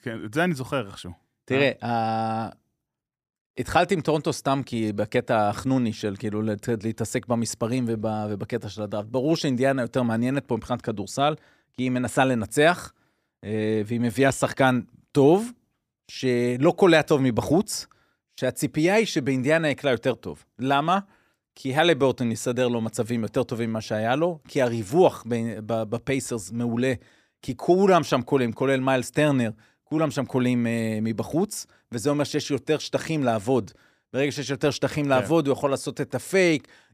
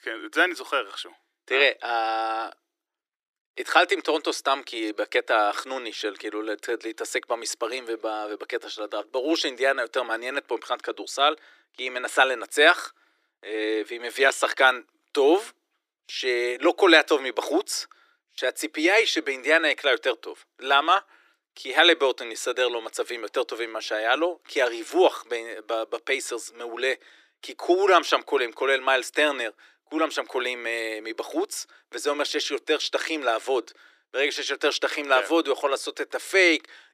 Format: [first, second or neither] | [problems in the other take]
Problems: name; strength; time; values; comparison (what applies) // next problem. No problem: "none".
first | thin; very; fading below 300 Hz